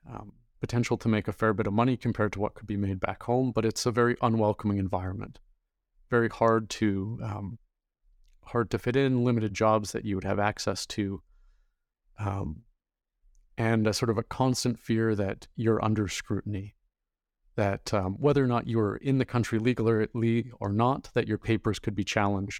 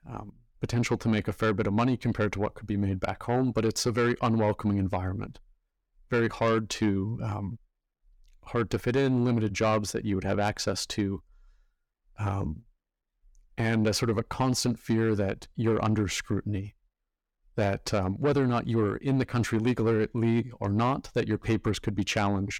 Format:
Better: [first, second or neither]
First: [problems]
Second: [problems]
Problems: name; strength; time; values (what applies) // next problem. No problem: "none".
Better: first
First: none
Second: distortion; slight; 10 dB below the speech